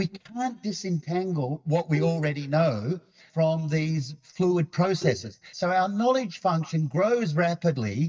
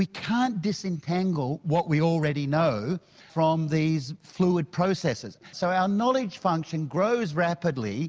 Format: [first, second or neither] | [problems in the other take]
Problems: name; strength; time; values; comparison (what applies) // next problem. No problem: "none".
second | noise reduction (neural mask model DeepFilterNet 3)